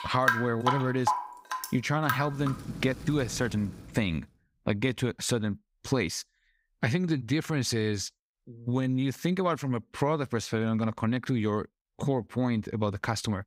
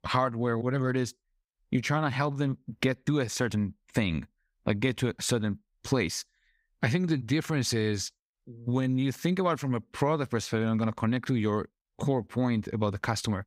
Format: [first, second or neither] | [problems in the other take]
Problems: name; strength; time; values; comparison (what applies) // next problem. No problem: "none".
second | rain or running water; loud; until 4 s; 3 dB below the speech